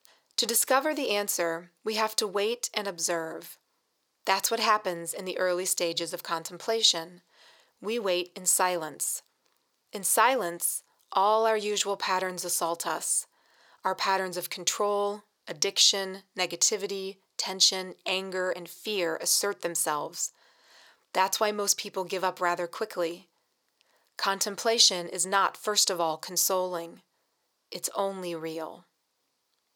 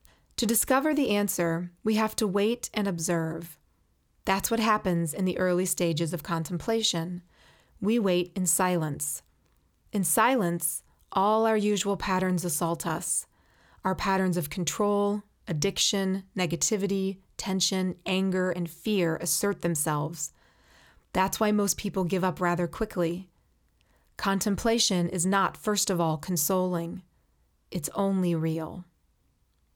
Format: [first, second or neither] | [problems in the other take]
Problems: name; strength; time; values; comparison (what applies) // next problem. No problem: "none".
second | thin; very; fading below 550 Hz